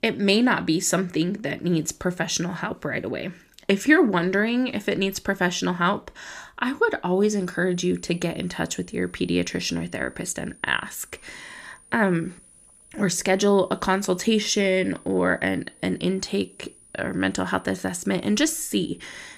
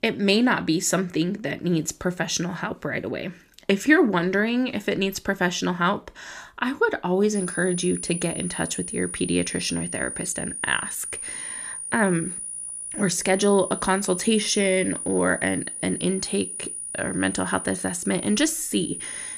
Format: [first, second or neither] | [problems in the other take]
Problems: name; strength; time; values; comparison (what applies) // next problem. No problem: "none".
first | high-pitched whine; loud; from 7.5 s on; 9.5 kHz, 7 dB below the speech; faint in the first